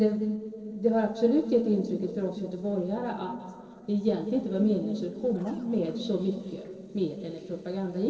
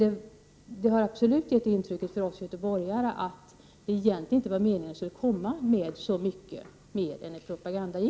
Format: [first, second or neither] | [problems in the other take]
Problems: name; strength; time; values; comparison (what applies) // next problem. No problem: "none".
second | noise reduction (neural separator model SepFormer DNS4)